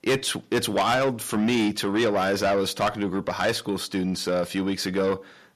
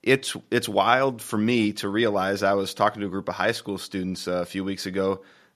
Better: second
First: distortion; heavy; 7 dB below the speech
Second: none

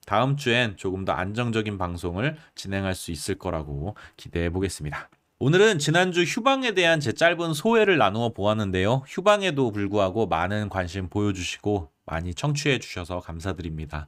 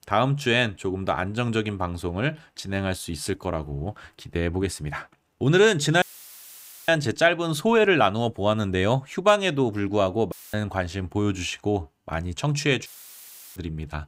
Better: first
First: none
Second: audio cutting out; filled with static; at 6 s for 1 s, at 10 s and at 13 s for 0.5 s

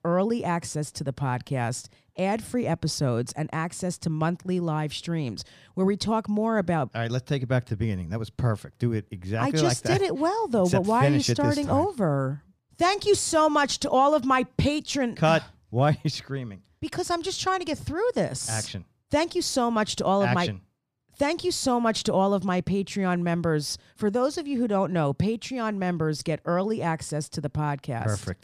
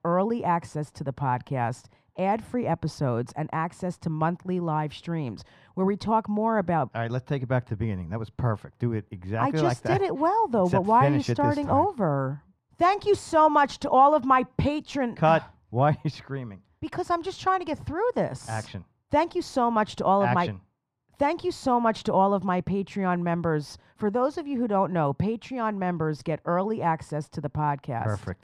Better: first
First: none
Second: muffled; slightly; fading above 3.5 kHz

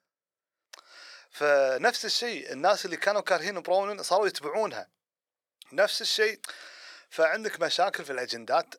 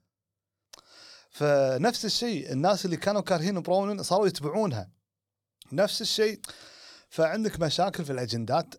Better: second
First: thin; very; fading below 500 Hz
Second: none

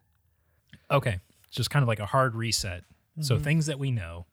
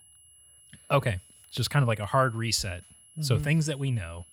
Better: first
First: none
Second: high-pitched whine; faint; throughout; 11 kHz, 25 dB below the speech

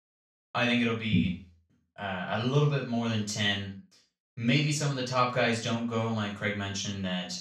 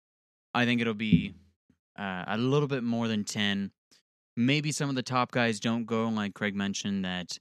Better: second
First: room echo; noticeable; dies away in 0.3 s // off-mic speech; far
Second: none

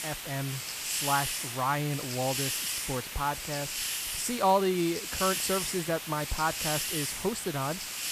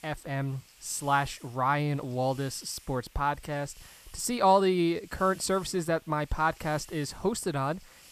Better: second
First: hiss; loud; throughout; 1 dB below the speech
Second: hiss; faint; throughout; 25 dB below the speech

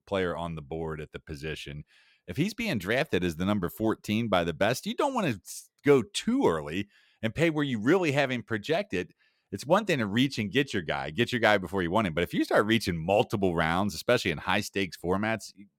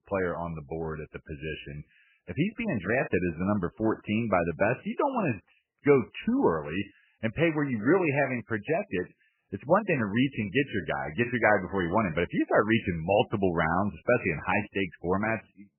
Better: first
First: none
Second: garbled, watery; badly; nothing above 3 kHz

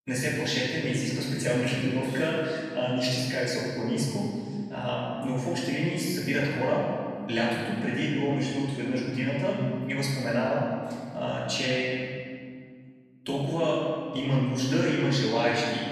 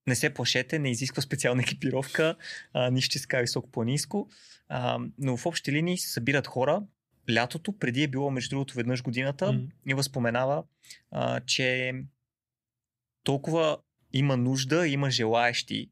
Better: second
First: off-mic speech; far // room echo; strong; dies away in 2 s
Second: none

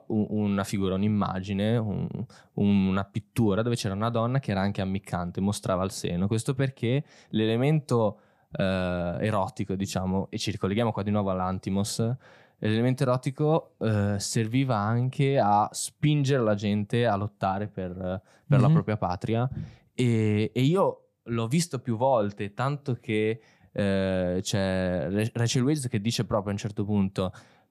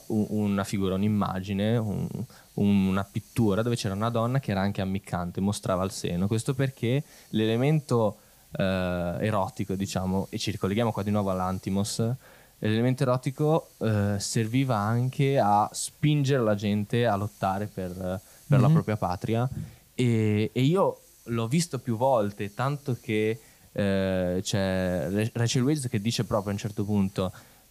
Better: first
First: none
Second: hiss; faint; throughout; 25 dB below the speech

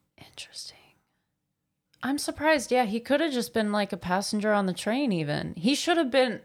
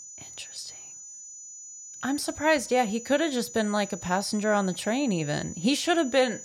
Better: first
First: none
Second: high-pitched whine; noticeable; throughout; 7 kHz, 15 dB below the speech

